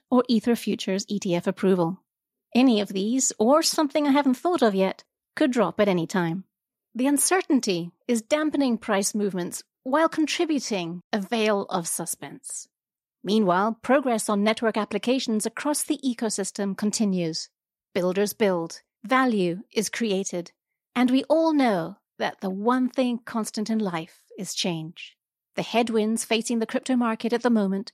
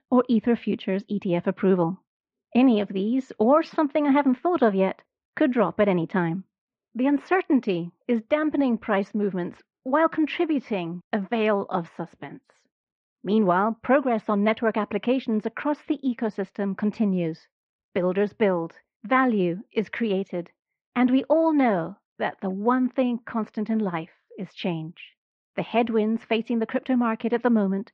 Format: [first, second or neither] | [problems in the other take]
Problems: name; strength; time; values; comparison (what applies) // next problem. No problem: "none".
first | muffled; very; fading above 2.5 kHz